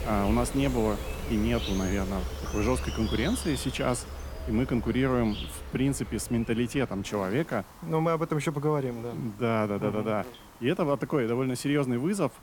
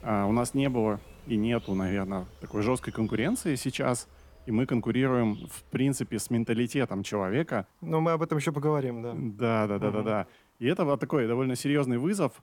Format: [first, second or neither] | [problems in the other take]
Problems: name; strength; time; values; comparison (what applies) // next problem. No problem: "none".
second | animal sounds; loud; throughout; 9 dB below the speech; faint in the second